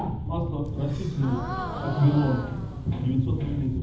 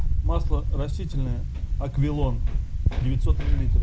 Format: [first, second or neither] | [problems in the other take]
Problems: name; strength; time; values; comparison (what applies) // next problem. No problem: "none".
second | background sound (Gasp); 12 dB below the speech // room echo; dies away in 0.8 s